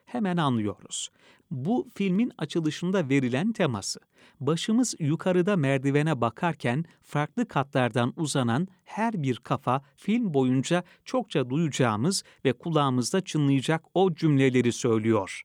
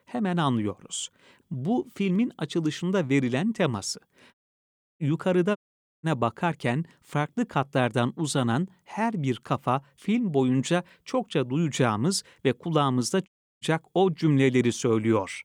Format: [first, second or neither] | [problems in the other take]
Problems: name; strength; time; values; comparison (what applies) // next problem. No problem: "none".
first | audio cutting out; at 4.5 s for 0.5 s, at 5.5 s and at 13 s